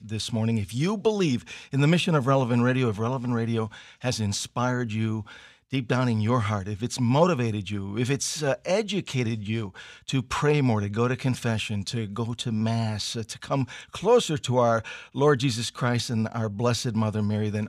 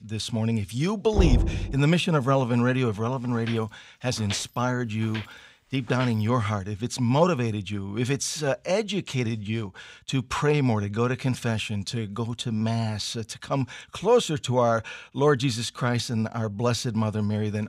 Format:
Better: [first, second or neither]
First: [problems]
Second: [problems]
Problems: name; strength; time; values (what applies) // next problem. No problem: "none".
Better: first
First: none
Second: door banging; loud; at 1 s; peak 3 dB above the speech // footsteps; noticeable; from 3.5 to 6 s; peak 10 dB below the speech